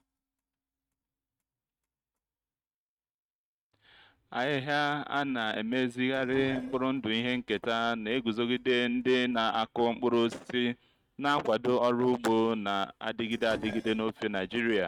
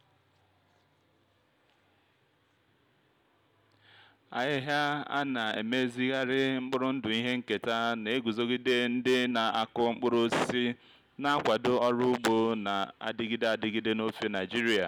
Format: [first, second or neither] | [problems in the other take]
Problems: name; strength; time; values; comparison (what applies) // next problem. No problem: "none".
second | noise reduction (neural mask model RNNoise)